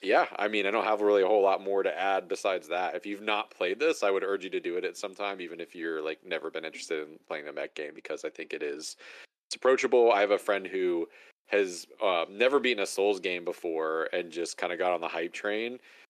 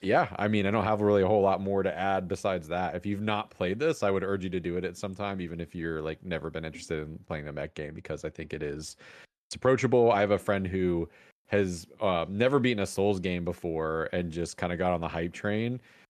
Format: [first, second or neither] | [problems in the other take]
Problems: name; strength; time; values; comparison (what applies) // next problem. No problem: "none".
second | thin; somewhat; fading below 350 Hz